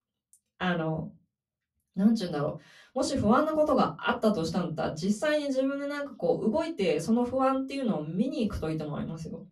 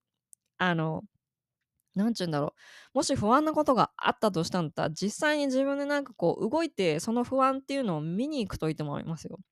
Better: second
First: off-mic speech; far // room echo; very slight; dies away in 0.2 s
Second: none

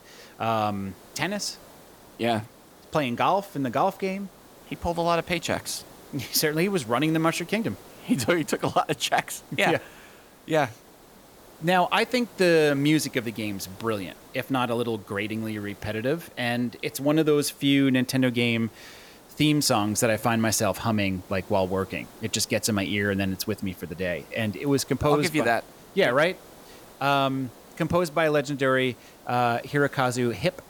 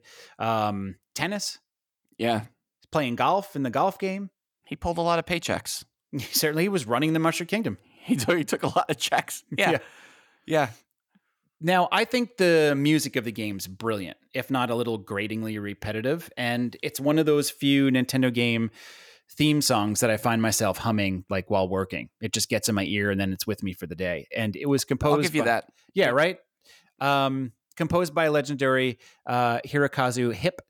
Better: second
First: hiss; faint; throughout; 25 dB below the speech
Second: none

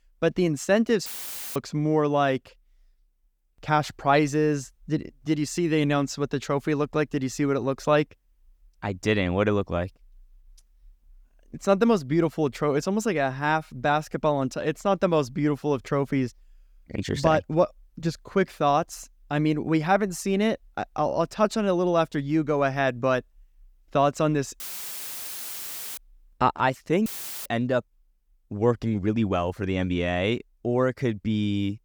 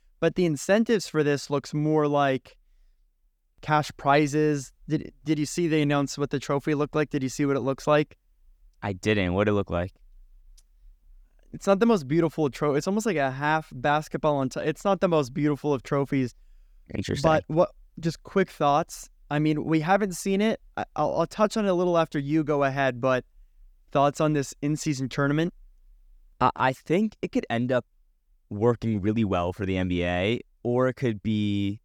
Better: second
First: audio cutting out; filled with static; at 1 s for 0.5 s, at 25 s for 1.5 s and at 27 s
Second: none

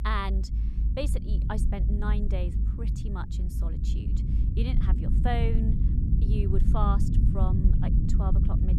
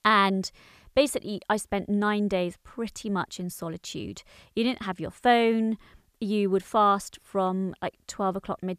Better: second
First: low rumble; loud; throughout; 5 dB below the speech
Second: none

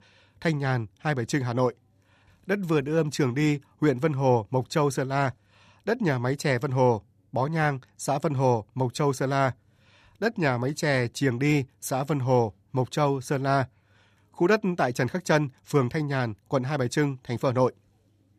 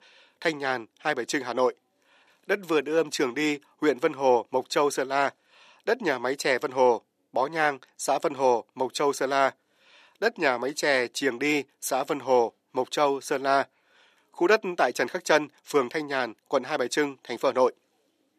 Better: first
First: none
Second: thin; somewhat; fading below 350 Hz

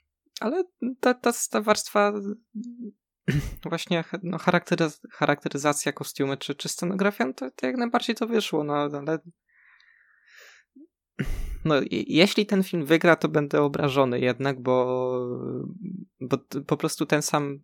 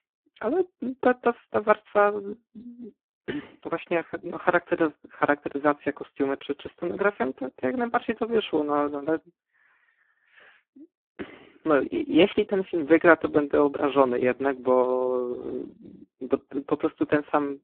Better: first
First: none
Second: phone-call audio; poor line

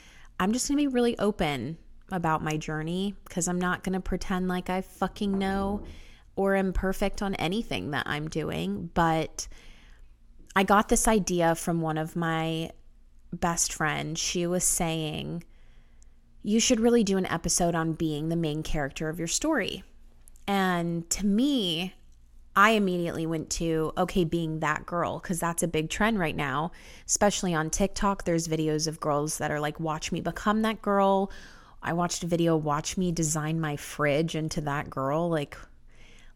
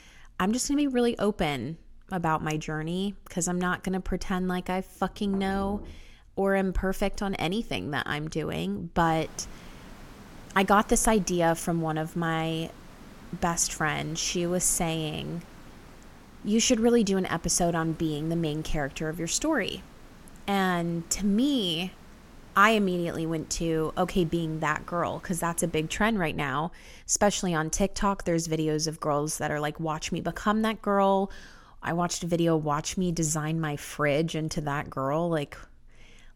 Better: first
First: none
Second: hiss; faint; from 9 to 26 s; 25 dB below the speech

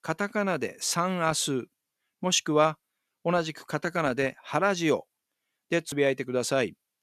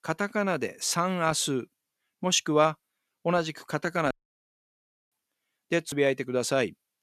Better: first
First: none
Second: audio cutting out; at 4 s for 1 s

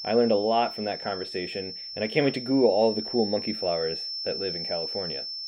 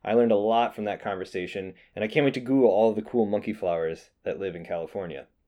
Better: second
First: high-pitched whine; loud; throughout; 5.5 kHz, 6 dB below the speech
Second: none

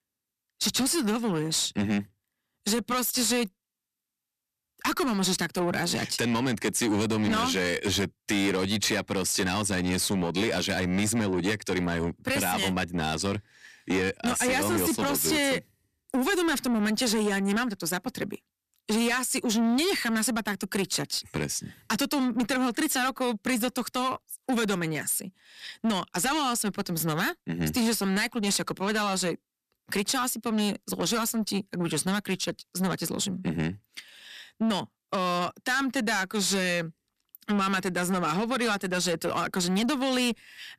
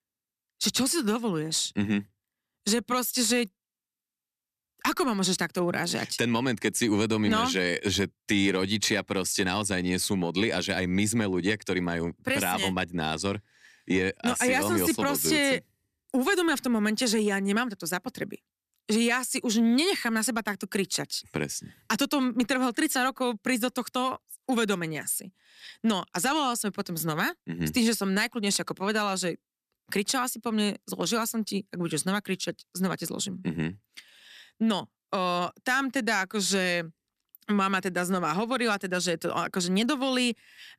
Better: second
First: distortion; slight; 10 dB below the speech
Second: none

